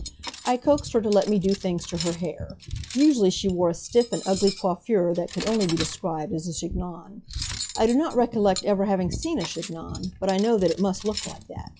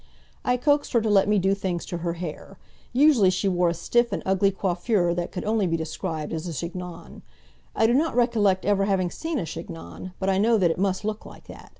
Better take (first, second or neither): second